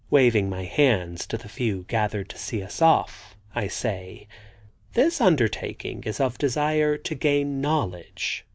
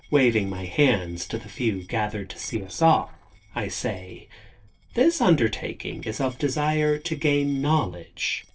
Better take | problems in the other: first | noise reduction (neural separator model SepFormer DNS4)

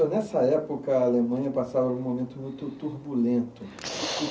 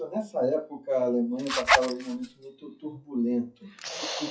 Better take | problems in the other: first | noise reduction (classical method log-MMSE)

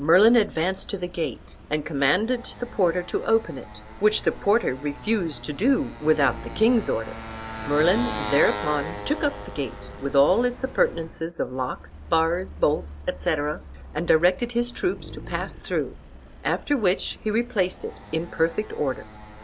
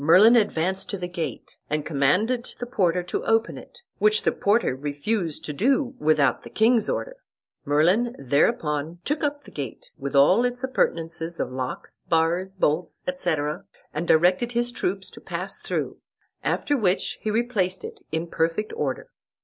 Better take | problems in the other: second | background sound (Motorcycle + Dog); 13 dB below the speech

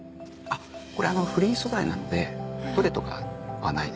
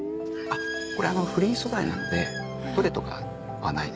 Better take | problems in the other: first | background sound (Guitar + Squeak); 8 dB below the speech

